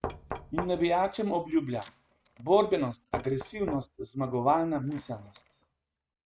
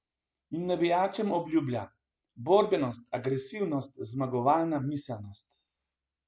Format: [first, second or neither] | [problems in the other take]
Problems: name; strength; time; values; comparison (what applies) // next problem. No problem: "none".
second | noise reduction (neural mask model RNNoise)